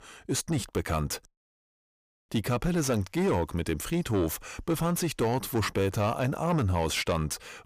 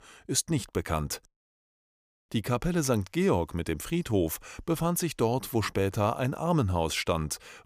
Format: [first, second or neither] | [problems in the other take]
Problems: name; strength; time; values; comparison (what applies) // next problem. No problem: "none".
second | distortion; slight; 9 dB below the speech